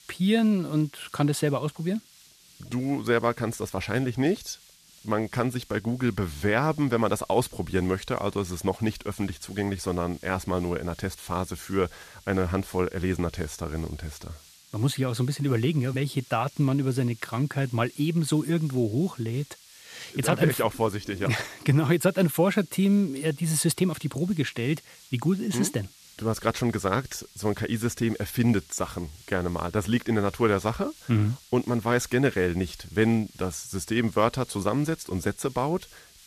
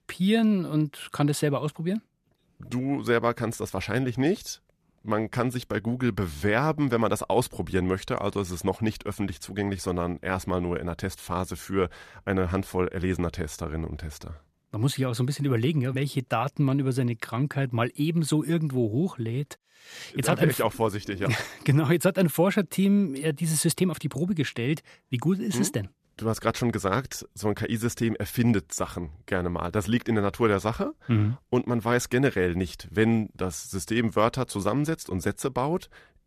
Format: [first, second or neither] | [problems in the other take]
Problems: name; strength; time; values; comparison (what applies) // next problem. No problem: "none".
second | hiss; faint; throughout; 25 dB below the speech